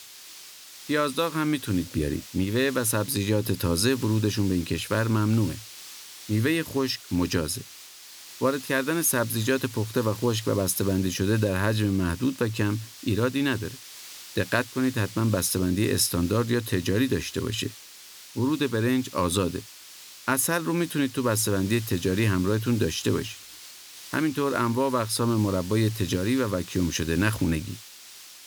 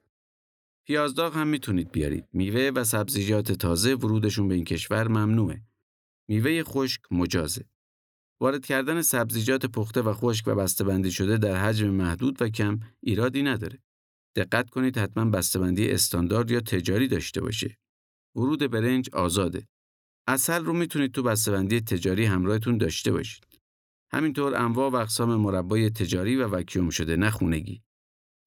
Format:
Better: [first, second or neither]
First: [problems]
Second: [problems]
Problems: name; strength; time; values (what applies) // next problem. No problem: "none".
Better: second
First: hiss; noticeable; throughout; 15 dB below the speech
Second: none